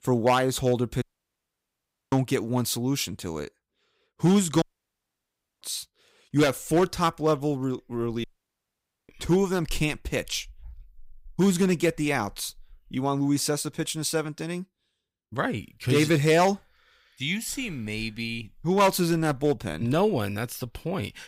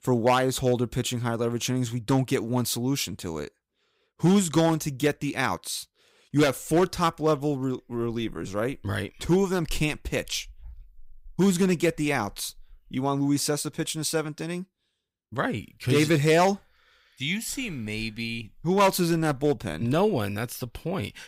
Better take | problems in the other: second | audio cutting out; at 1 s for 1 s, at 4.5 s for 1 s and at 8 s for 1 s

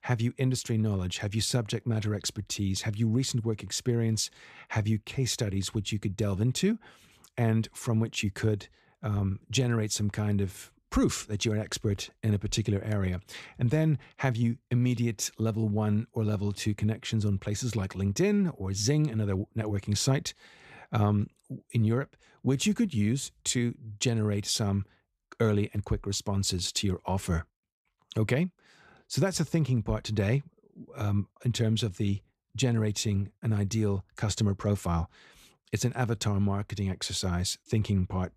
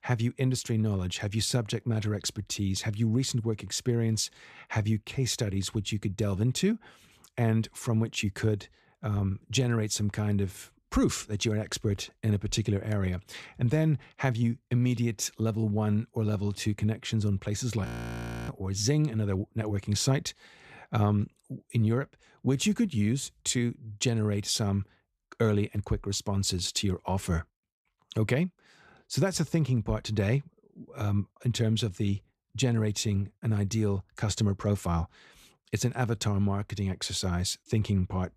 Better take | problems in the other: first | audio freezing; at 18 s for 0.5 s

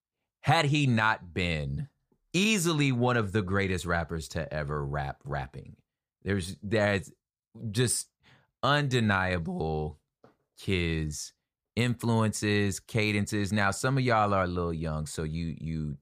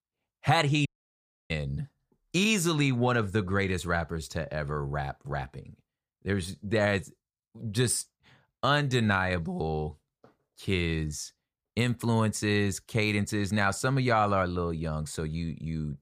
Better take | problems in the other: first | audio cutting out; at 1 s for 0.5 s

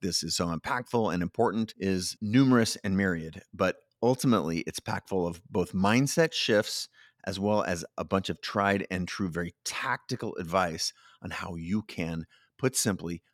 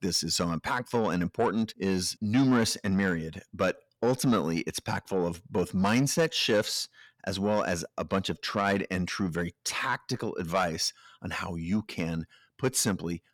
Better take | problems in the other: first | distortion; slight; 10 dB below the speech

